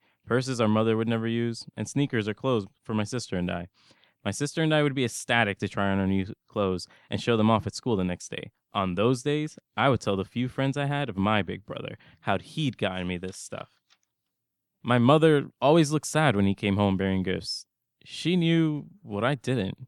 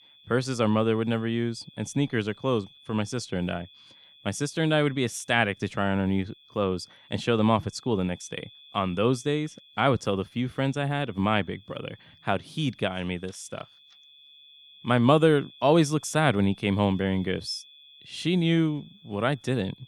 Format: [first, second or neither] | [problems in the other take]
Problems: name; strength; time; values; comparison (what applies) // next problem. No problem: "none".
first | high-pitched whine; faint; throughout; 3.5 kHz, 25 dB below the speech